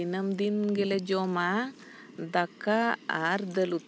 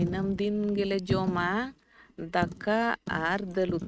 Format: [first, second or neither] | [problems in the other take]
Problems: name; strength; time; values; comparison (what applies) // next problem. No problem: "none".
first | noise reduction (neural mask model RNNoise)